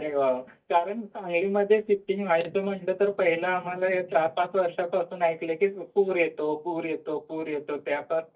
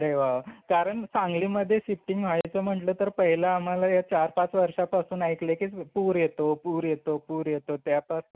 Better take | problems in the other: second | noise reduction (neural mask model DeepFilterNet 3)

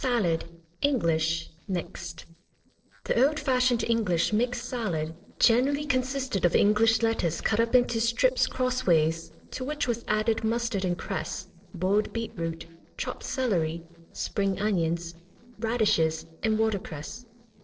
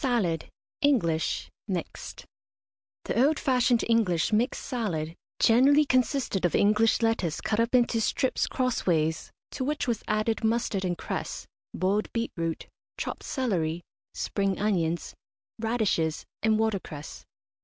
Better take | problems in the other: second | noise reduction (neural separator model SepFormer DNS4)

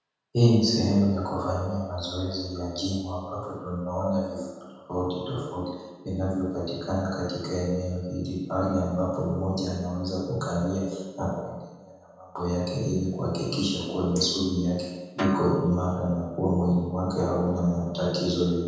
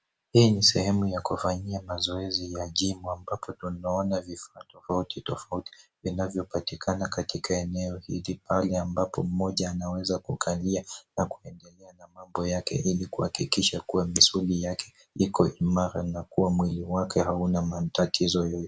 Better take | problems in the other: second | background sound (Snare drum); 11 dB below the speech // room echo; dies away in 1.2 s

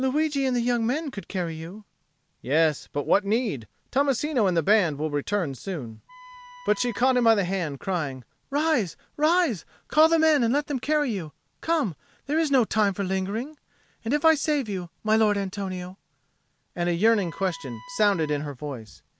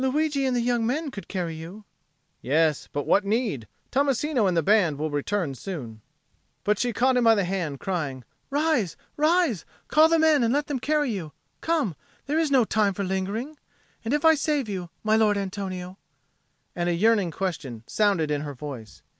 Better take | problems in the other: second | background sound (Wind instrument, woodwind instrument); 20 dB below the speech

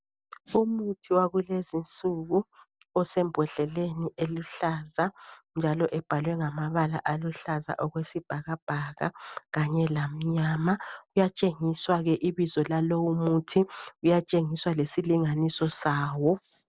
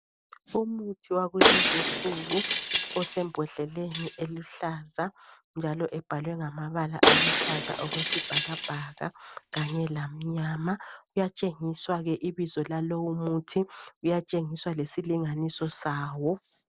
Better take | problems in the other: first | background sound (Shatter); 3 dB above the speech

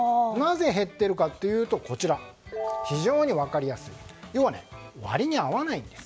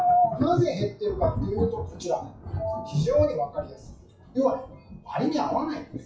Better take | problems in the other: first | noise reduction (classical method WPE with log-MMSE)

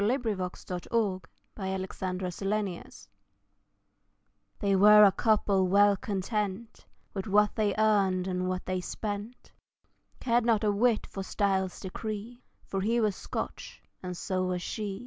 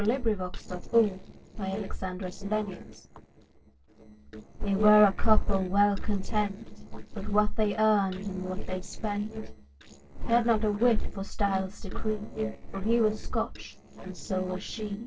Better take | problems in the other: first | noise reduction (neural separator model SepFormer DNS4)

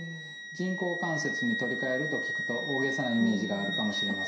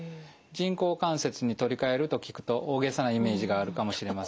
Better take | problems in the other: second | background sound (Wind instrument, woodwind instrument); 2 dB below the speech // room echo; dies away in 0.7 s

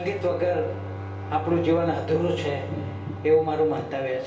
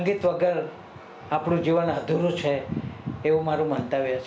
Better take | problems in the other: second | background sound (Bowed string instrument); 10 dB below the speech // room echo; dies away in 2 s

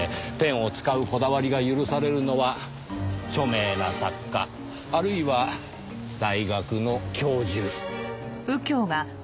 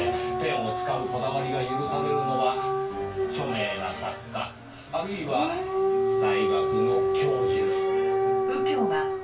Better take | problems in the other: first | background sound (Siren / Dog); 4 dB above the speech // room echo; dies away in 0.2 s

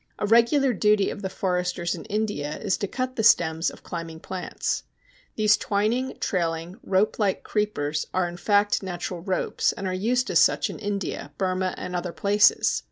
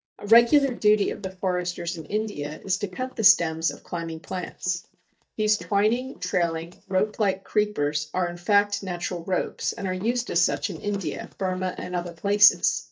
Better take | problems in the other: first | noise reduction (neural mask model DeepFilterNet 3)

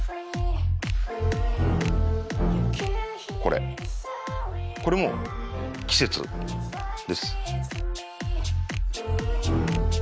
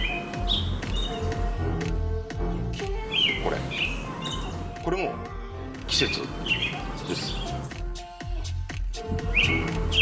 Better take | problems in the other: first | background sound (Chirp, tweet); 2 dB below the speech // room echo; dies away in 2.3 s

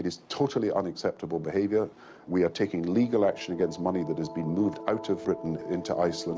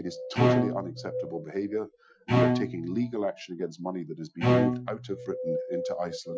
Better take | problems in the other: first | noise reduction (classical method Wiener filter)

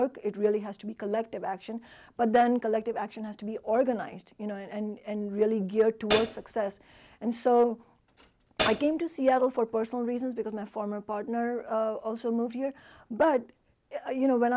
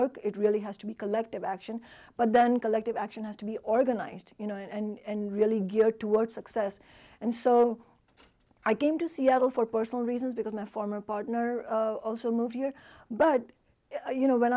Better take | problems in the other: second | background sound (Hi-hat); 2 dB below the speech

